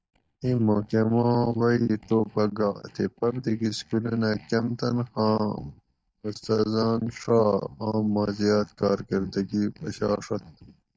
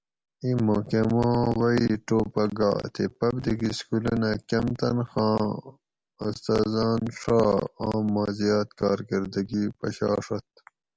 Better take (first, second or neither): second